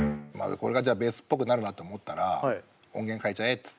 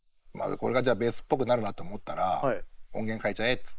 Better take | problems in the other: first | noise reduction (neural mask model Resemble Enhance denoiser)

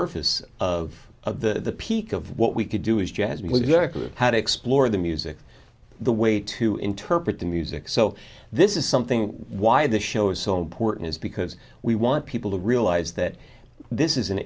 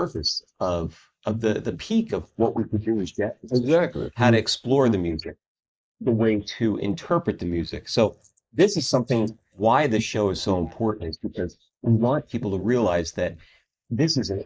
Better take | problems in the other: first | noise reduction (neural mask model Resemble Enhance denoiser)

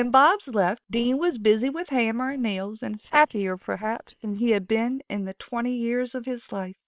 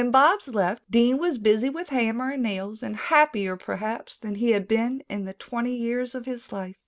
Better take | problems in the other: second | noise reduction (neural separator model SepFormer WHAM!)

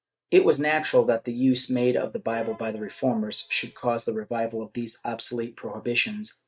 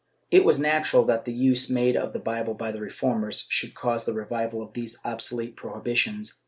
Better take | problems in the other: second | noise reduction (neural mask model RNNoise)

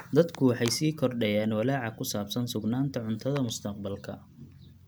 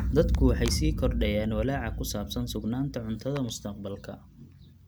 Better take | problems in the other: first | background sound (Boom); 1 dB below the speech

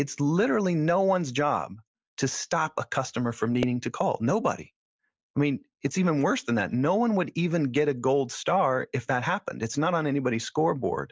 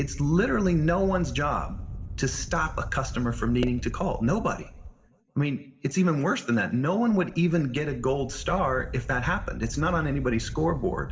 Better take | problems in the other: first | background sound (Wind); 10 dB below the speech // room echo; dies away in 0.8 s

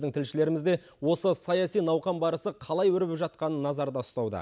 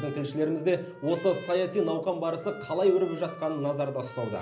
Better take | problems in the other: first | background sound (Trumpet); 19 dB below the speech // room echo; dies away in 0.5 s

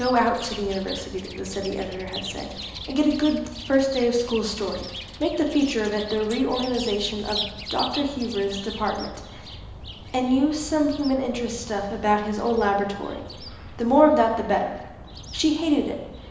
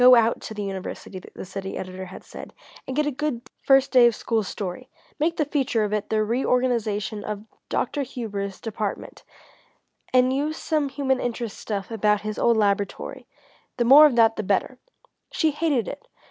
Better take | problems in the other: second | background sound (Chirp, tweet); 12 dB below the speech // room echo; dies away in 1 s

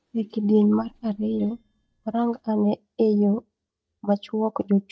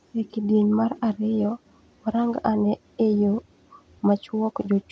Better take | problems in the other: second | noise reduction (neural mask model DeepFilterNet 3)

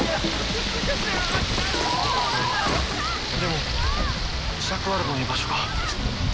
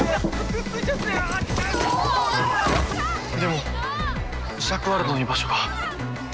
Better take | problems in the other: second | background sound (Rain); 1 dB below the speech

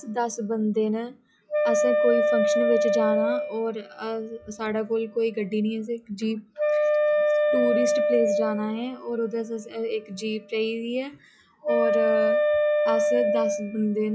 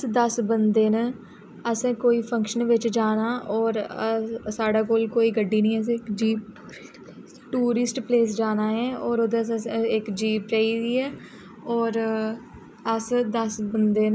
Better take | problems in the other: second | noise reduction (classical method log-MMSE)

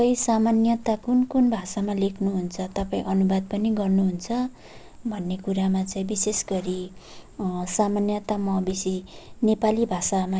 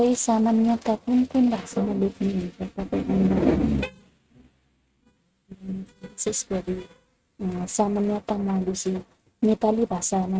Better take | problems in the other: first | noise reduction (neural mask model RNNoise)

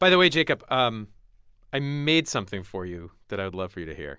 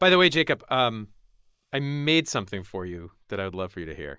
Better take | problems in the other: first | noise reduction (neural mask model Resemble Enhance denoiser)

